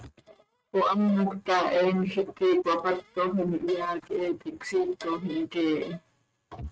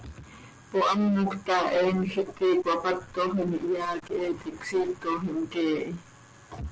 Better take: second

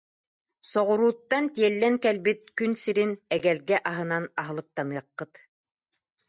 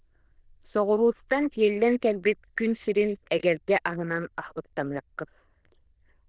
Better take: first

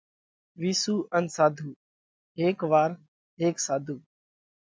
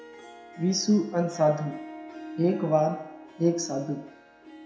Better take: first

